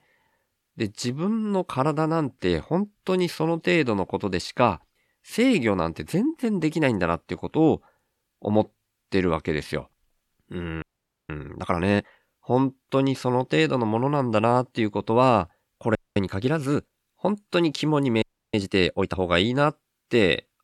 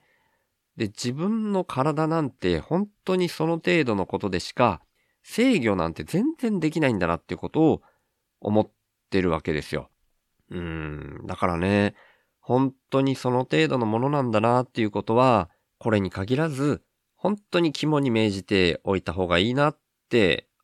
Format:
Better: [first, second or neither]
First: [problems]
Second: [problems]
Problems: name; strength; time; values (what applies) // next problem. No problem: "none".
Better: second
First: audio freezing; at 11 s, at 16 s and at 18 s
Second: none